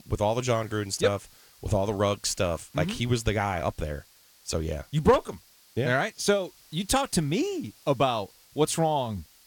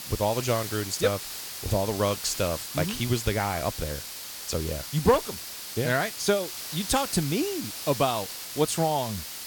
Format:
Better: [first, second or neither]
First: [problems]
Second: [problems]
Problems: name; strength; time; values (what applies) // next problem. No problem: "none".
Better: first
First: hiss; faint; throughout; 25 dB below the speech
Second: hiss; loud; throughout; 7 dB below the speech